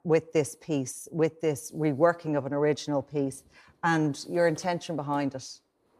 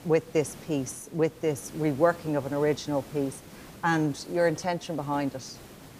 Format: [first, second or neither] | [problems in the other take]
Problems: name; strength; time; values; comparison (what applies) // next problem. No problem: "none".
first | hiss; noticeable; throughout; 20 dB below the speech